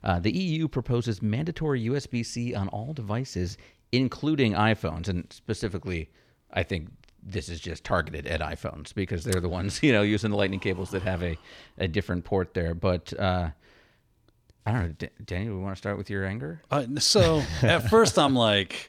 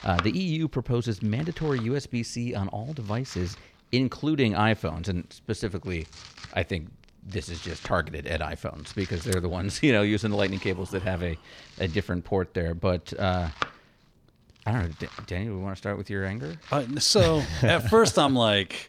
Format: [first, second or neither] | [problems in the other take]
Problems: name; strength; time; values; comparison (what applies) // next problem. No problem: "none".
first | household noises; noticeable; throughout; 15 dB below the speech